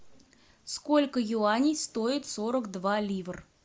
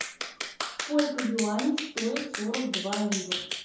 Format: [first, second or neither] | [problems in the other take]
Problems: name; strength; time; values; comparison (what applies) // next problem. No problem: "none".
first | background sound (Clapping); 4 dB below the speech // room echo; dies away in 2.6 s